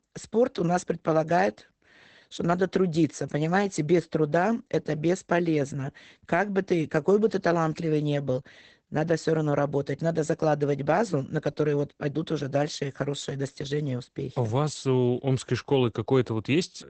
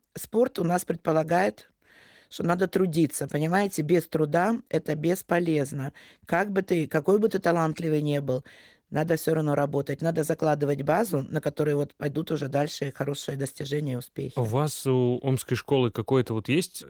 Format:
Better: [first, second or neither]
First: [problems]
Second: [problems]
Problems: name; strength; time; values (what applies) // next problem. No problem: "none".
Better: second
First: garbled, watery; badly; nothing above 8 kHz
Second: garbled, watery; slightly